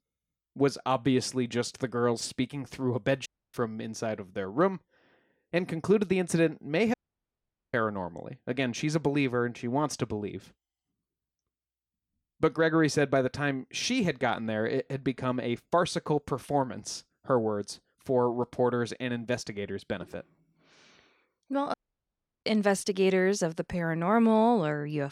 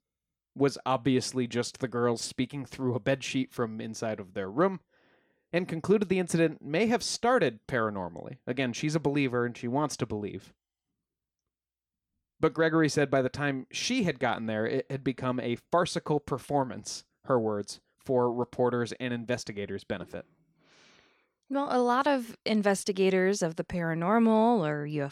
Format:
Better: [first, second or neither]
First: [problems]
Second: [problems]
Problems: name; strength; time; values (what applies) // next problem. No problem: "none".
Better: second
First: audio cutting out; at 3.5 s, at 7 s for 1 s and at 22 s for 0.5 s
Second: none